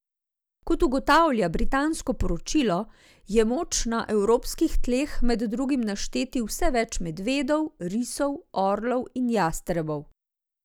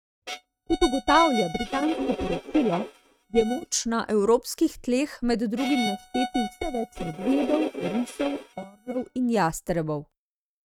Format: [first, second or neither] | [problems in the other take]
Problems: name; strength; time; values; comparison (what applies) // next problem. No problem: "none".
first | noise reduction (neural mask model RNNoise)